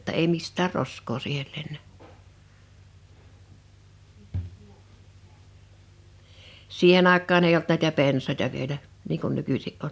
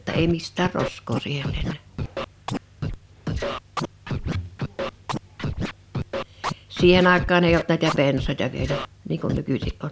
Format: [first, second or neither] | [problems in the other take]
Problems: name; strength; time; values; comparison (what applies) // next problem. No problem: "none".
first | background sound (Scratching (performance technique)); 5 dB below the speech